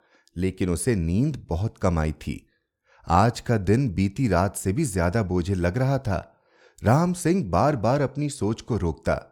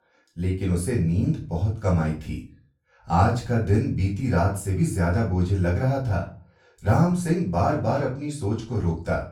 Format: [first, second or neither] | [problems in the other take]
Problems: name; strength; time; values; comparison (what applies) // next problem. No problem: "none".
first | off-mic speech; far // room echo; slight; dies away in 0.3 s